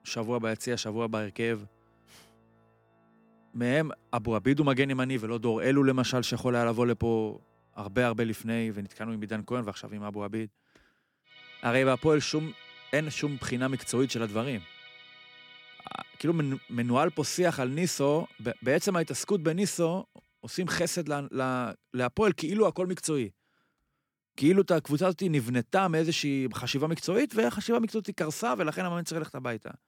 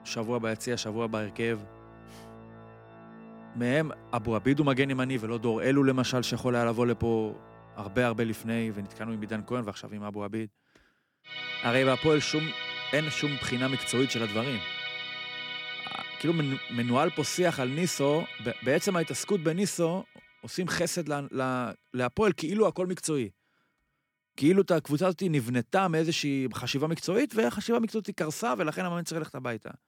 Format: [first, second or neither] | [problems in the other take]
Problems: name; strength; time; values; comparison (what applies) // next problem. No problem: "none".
first | background music; loud; throughout; 8 dB below the speech; faint in the first